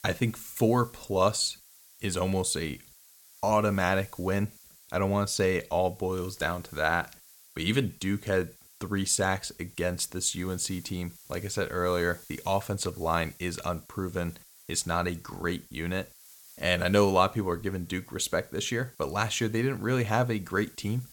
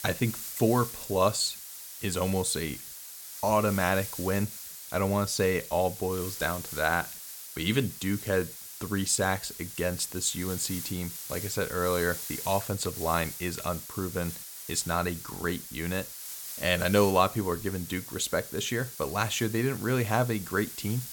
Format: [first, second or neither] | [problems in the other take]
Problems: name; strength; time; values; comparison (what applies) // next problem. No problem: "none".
first | hiss; loud; throughout; 9 dB below the speech; faint in the first